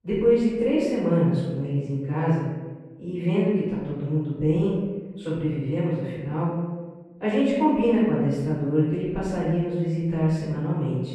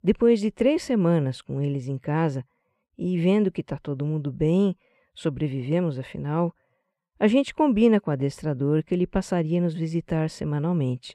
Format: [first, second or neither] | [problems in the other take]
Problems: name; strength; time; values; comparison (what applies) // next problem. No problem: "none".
second | off-mic speech; far // room echo; strong; dies away in 1.2 s